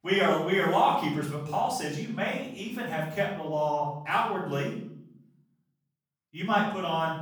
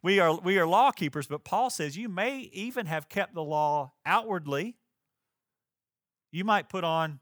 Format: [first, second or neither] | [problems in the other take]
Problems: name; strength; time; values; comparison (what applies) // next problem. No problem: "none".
second | off-mic speech; far // room echo; noticeable; dies away in 0.8 s